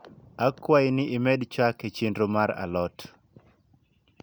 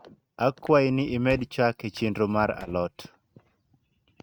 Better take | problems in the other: first | noise reduction (neural mask model RNNoise)

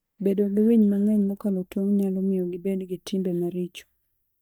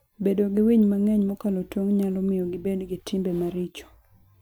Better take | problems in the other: second | noise reduction (neural mask model DeepFilterNet 3)

